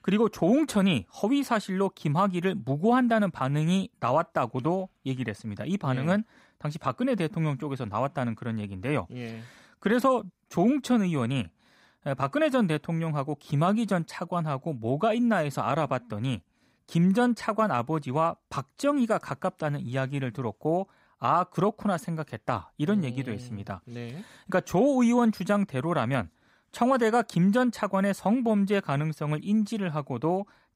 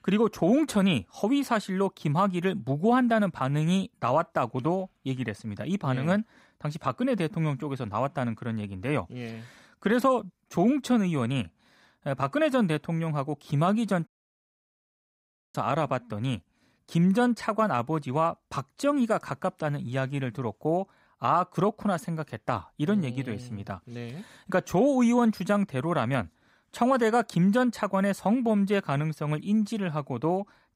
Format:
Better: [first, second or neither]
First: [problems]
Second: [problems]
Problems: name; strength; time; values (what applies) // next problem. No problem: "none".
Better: first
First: none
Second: audio cutting out; at 14 s for 1.5 s